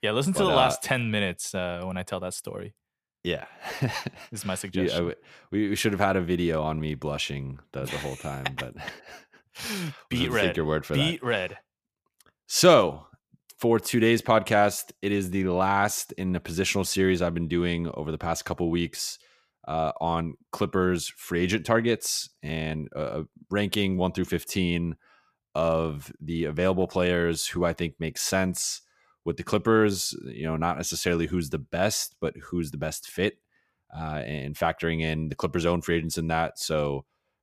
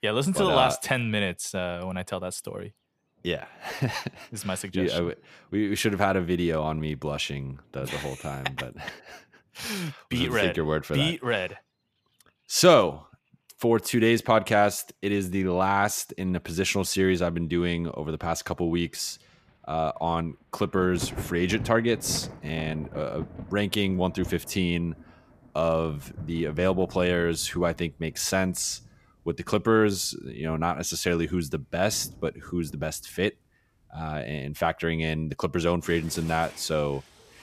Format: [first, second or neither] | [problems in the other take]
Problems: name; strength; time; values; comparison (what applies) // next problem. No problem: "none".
first | rain or running water; noticeable; throughout; 15 dB below the speech